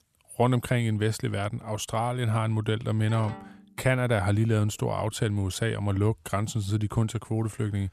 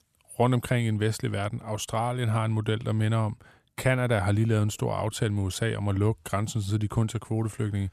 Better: second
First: phone ringing; faint; at 3 s; peak 15 dB below the speech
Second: none

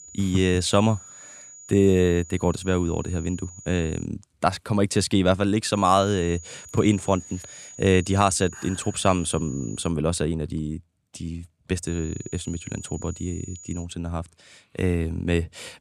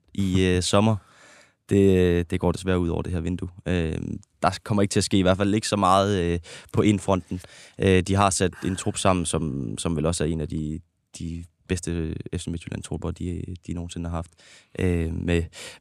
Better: second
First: high-pitched whine; noticeable; until 4 s, from 5.5 to 10 s and from 12 to 14 s; 7 kHz, 15 dB below the speech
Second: none

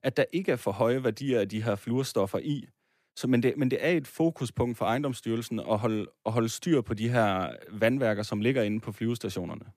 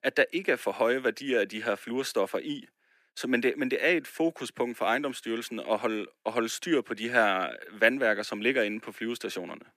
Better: first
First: none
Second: thin; somewhat; fading below 250 Hz

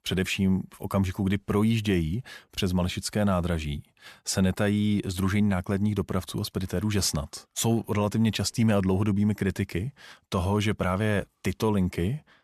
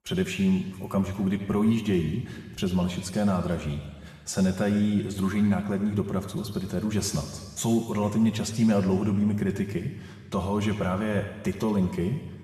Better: first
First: none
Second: room echo; noticeable; dies away in 1.6 s // off-mic speech; somewhat distant

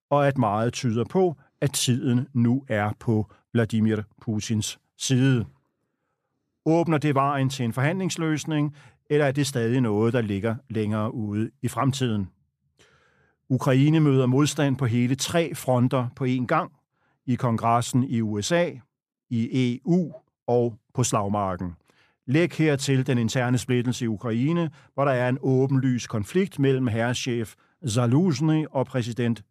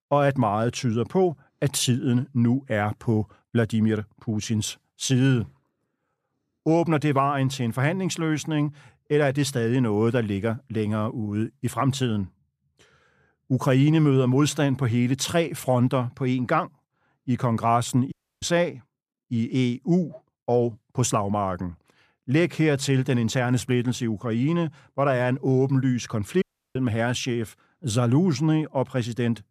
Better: first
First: none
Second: audio cutting out; at 18 s and at 26 s

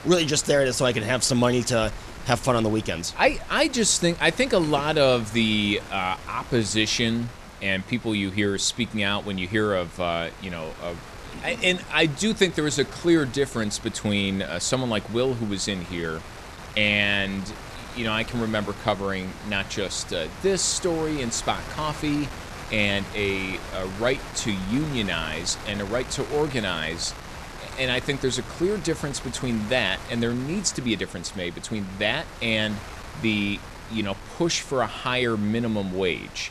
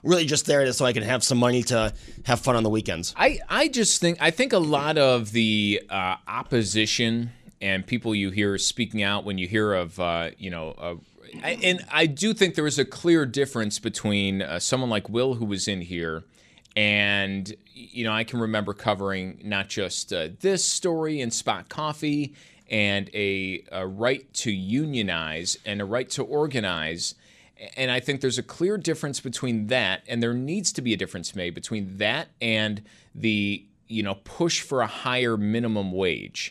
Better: second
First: wind noise on the microphone; occasional gusts; 15 dB below the speech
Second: none

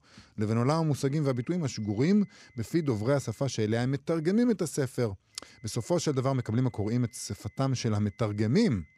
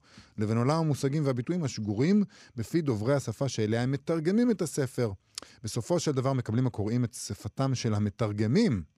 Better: second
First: high-pitched whine; faint; from 1.5 to 3.5 s and from 5.5 s on; 2 kHz, 30 dB below the speech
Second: none

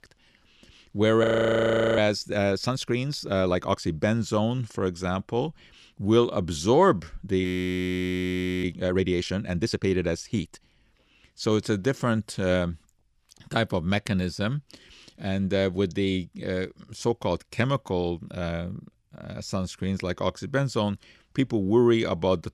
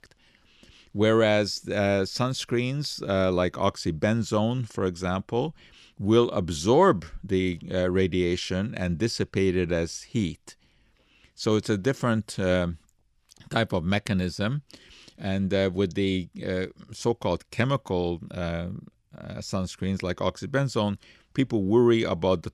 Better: second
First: audio freezing; at 1 s for 0.5 s and at 7.5 s for 1 s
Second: none

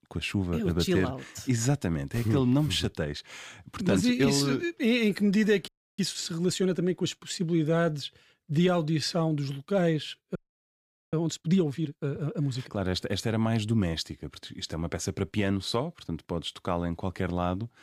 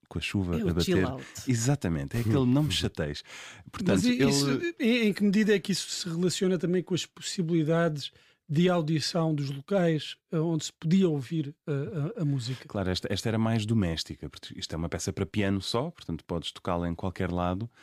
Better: second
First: audio freezing; at 5.5 s and at 10 s for 1 s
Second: none

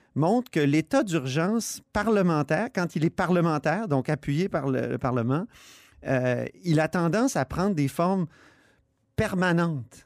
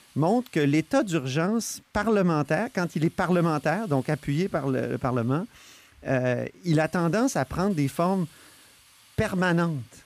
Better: first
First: none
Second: hiss; faint; throughout; 30 dB below the speech

